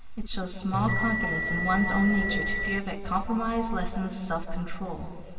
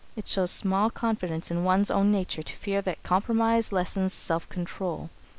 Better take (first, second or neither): second